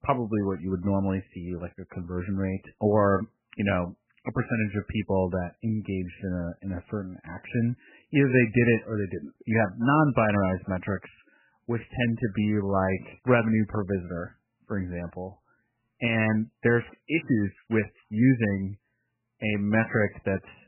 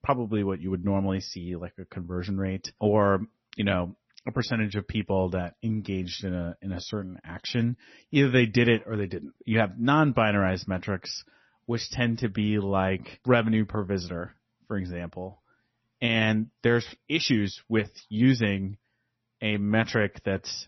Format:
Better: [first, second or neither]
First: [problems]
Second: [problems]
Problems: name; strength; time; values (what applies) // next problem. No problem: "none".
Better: second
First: garbled, watery; badly; nothing above 3 kHz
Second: garbled, watery; slightly; nothing above 6 kHz